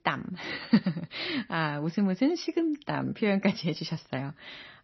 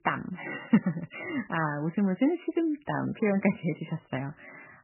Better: first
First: garbled, watery; slightly; nothing above 5.5 kHz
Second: garbled, watery; badly; nothing above 3 kHz

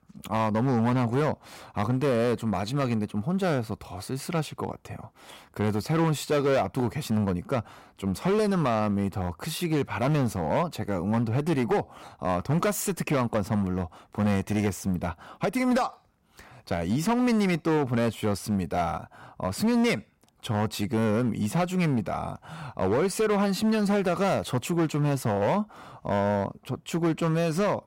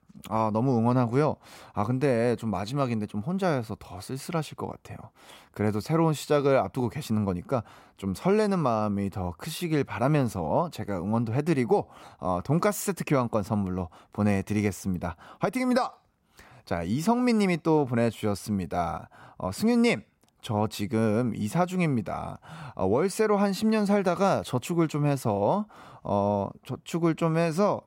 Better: second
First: distortion; slight; 10% of the sound clipped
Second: none

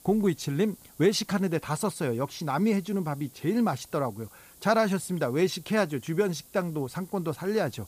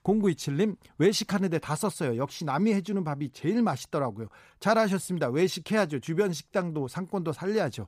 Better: second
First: hiss; faint; throughout; 25 dB below the speech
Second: none

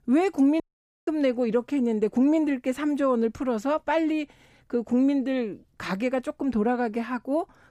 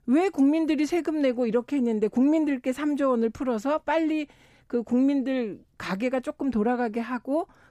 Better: second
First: audio cutting out; at 0.5 s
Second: none

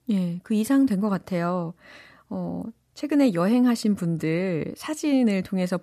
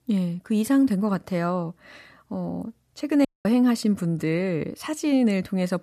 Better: first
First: none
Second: audio cutting out; at 3.5 s

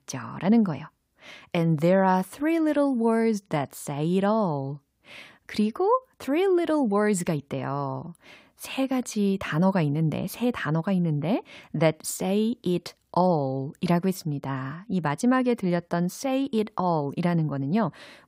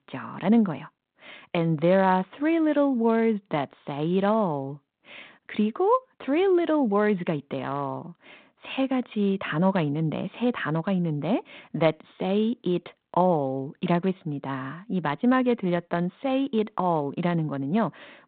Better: first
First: none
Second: phone-call audio; nothing above 4 kHz

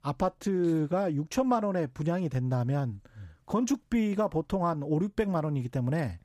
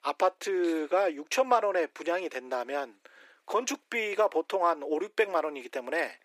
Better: first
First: none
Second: thin; very; fading below 350 Hz

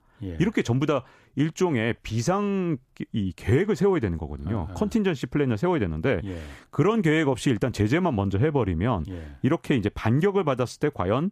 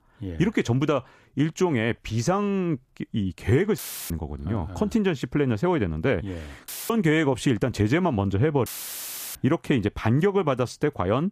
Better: first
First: none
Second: audio cutting out; filled with static; at 4 s, at 6.5 s and at 8.5 s for 0.5 s

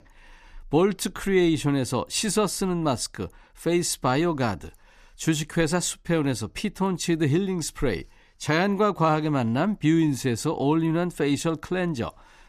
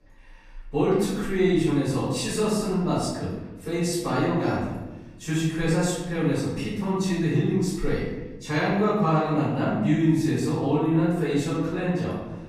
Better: first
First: none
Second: off-mic speech; far // room echo; noticeable; dies away in 1.1 s

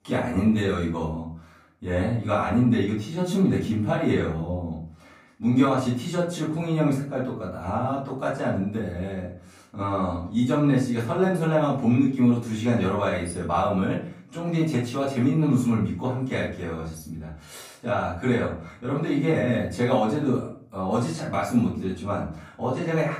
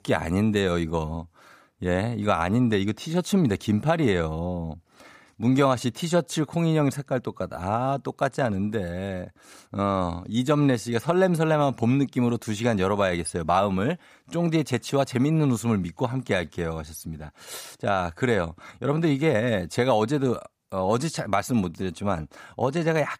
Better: second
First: off-mic speech; far // room echo; noticeable; dies away in 0.4 s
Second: none

